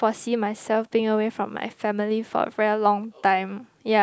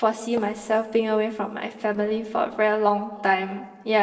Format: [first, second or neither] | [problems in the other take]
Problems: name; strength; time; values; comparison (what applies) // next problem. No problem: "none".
first | noise reduction (neural separator model SepFormer DNS4)